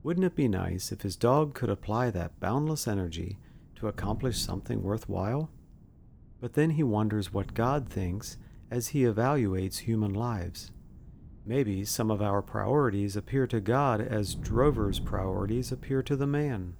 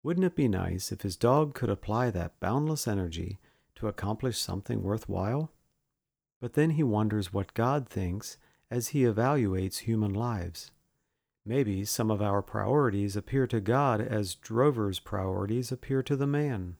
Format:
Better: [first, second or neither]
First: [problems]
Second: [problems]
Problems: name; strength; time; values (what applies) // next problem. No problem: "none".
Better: second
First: wind noise on the microphone; occasional gusts; 25 dB below the speech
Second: none